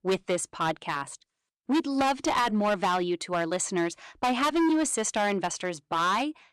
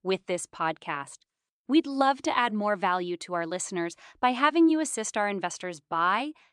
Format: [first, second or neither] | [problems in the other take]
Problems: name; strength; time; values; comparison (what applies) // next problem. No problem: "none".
second | distortion; heavy; 11% of the sound clipped